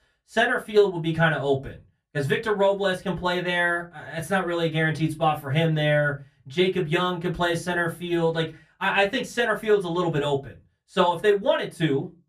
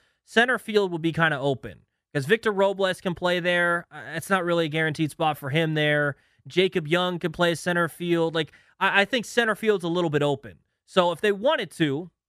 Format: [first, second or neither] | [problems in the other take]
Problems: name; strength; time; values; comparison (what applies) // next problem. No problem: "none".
second | off-mic speech; far // room echo; very slight; dies away in 0.2 s